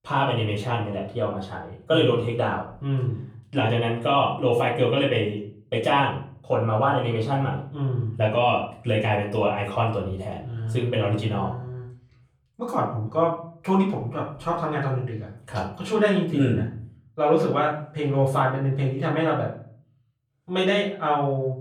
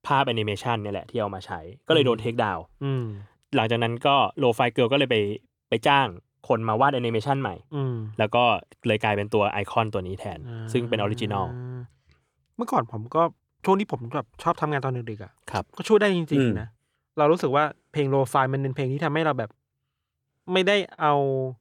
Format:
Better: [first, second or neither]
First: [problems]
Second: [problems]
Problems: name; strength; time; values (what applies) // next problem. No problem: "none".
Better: second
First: off-mic speech; far // room echo; slight; dies away in 0.5 s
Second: none